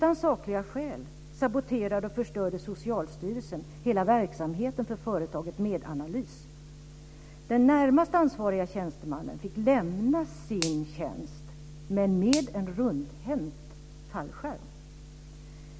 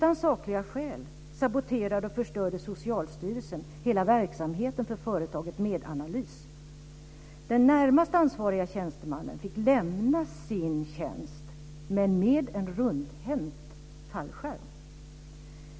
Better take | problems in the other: second | background sound (Finger snapping); 12 dB below the speech

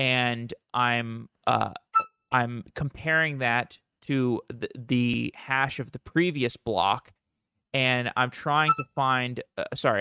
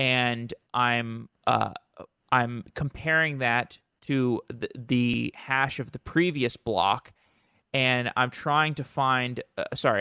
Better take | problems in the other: second | noise reduction (neural mask model RNNoise)

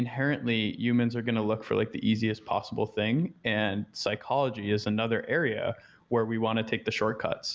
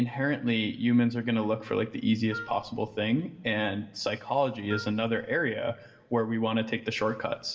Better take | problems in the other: first | background sound (Wind instrument, woodwind instrument); 15 dB below the speech // room echo; dies away in 1 s

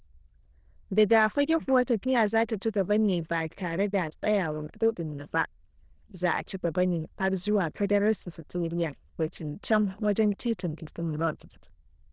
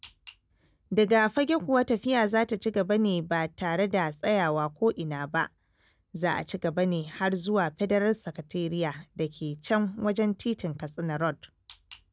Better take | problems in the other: second | noise reduction (neural diffusion model UNIVERSE++)

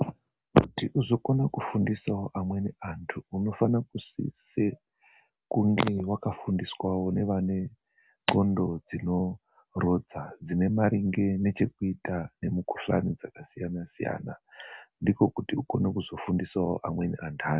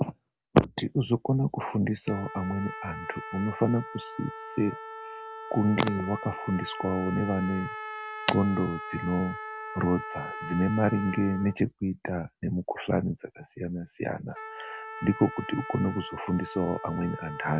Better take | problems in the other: first | background sound (Trumpet); 11 dB below the speech

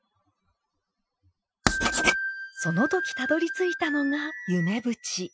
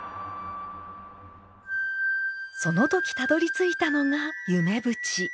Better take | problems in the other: second | noise reduction (classical method Wiener filter)

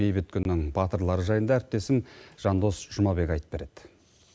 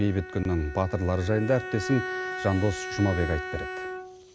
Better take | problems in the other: first | background sound (Bowed string instrument); 8 dB below the speech

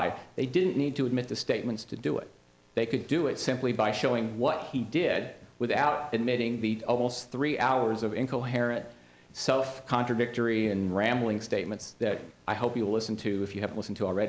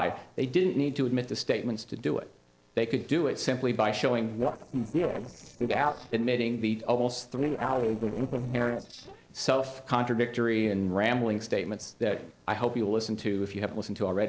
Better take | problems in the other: first | noise reduction (neural separator model SepFormer DNS4)

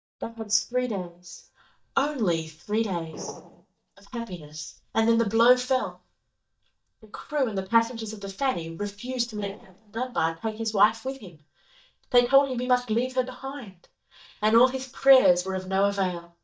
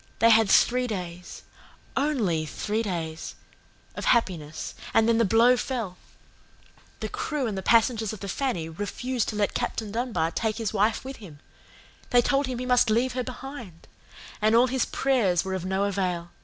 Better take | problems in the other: second | noise reduction (neural mask model DeepFilterNet 3)

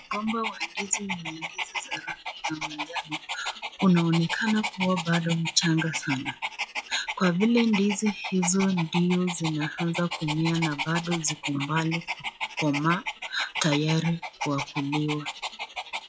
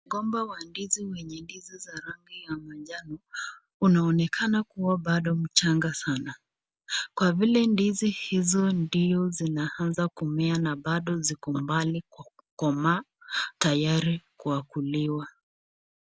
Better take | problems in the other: second | noise reduction (classical method log-MMSE)

